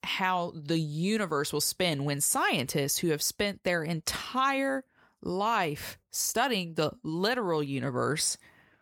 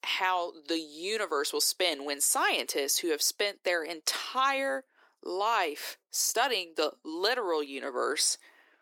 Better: first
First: none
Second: thin; somewhat; fading below 300 Hz

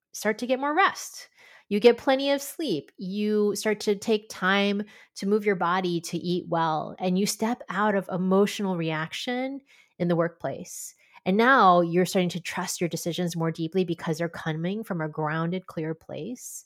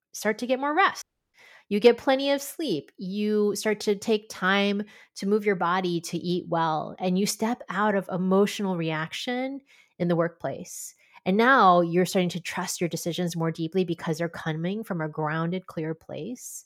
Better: first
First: none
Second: audio cutting out; at 1 s

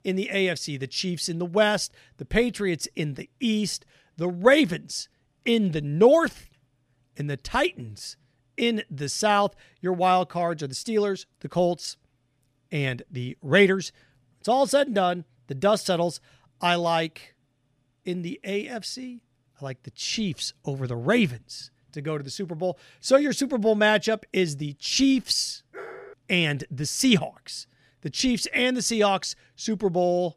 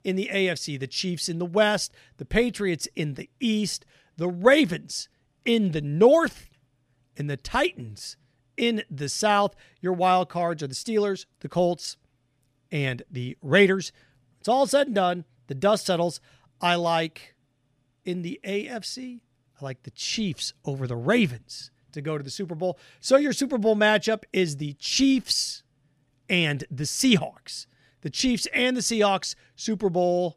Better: second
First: dog barking; faint; at 26 s; peak 15 dB below the speech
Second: none

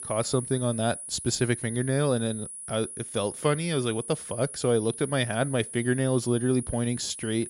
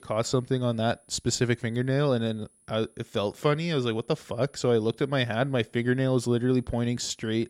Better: second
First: high-pitched whine; loud; throughout; 10.5 kHz, 9 dB below the speech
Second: high-pitched whine; faint; throughout; 10.5 kHz, 35 dB below the speech

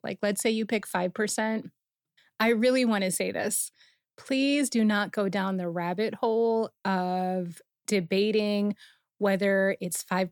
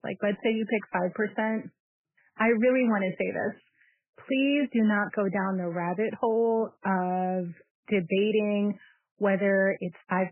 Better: first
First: none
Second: garbled, watery; badly; nothing above 3 kHz

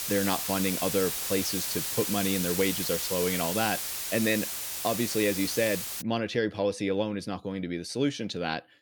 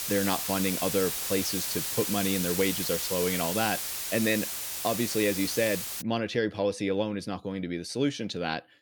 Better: neither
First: hiss; loud; until 6 s; 1 dB below the speech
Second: hiss; loud; until 6 s; 1 dB below the speech

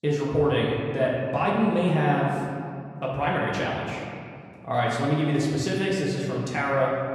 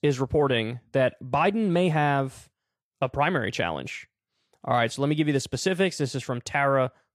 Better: second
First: off-mic speech; far // room echo; noticeable; dies away in 2.1 s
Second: none

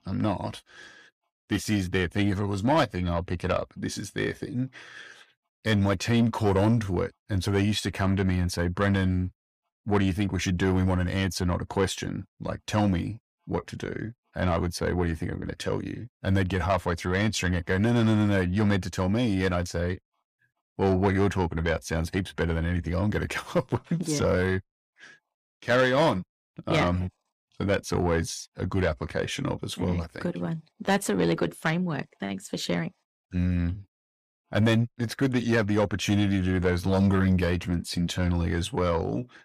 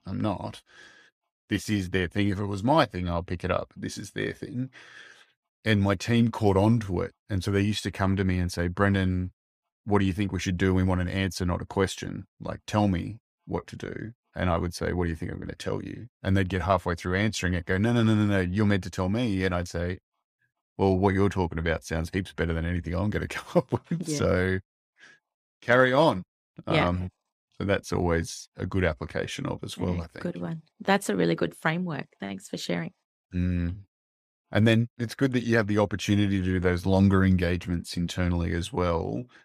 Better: second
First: distortion; slight; 10 dB below the speech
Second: none

